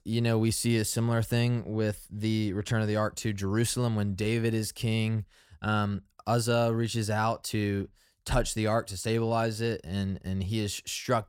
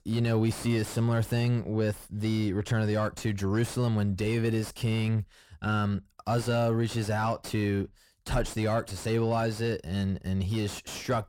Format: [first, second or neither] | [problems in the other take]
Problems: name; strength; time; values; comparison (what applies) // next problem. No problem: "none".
first | distortion; slight; 10 dB below the speech